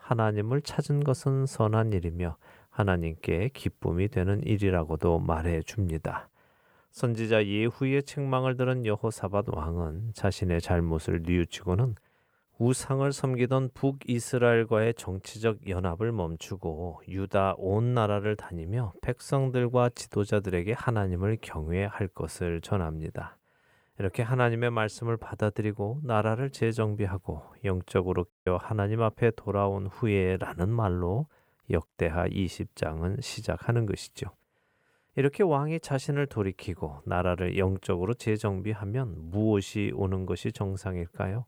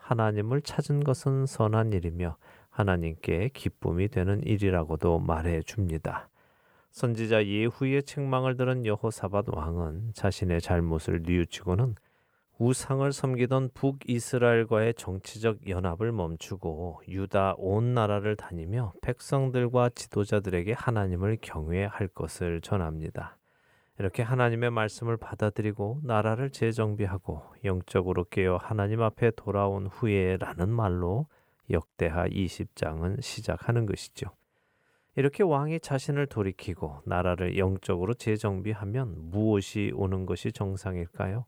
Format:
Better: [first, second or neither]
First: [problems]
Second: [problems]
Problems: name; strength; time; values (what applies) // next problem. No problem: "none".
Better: second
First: audio cutting out; at 28 s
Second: none